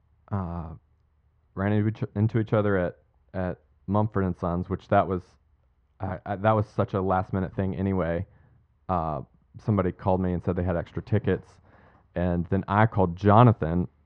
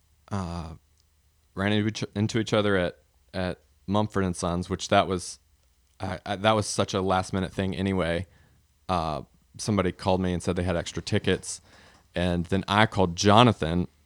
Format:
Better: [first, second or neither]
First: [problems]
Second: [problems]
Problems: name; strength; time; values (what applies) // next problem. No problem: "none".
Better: second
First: muffled; very; fading above 1 kHz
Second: none